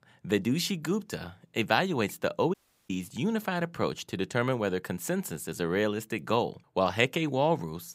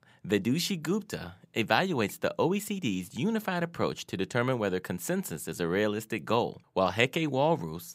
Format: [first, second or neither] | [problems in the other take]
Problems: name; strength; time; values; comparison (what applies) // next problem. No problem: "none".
second | audio cutting out; at 2.5 s